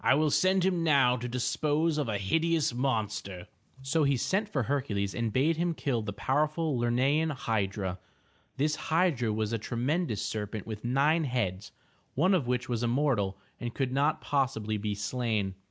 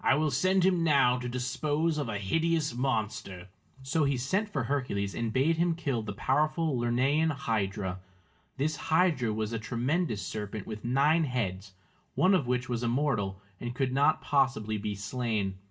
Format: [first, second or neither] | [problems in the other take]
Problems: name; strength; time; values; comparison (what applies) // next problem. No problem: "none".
first | room echo; dies away in 0.2 s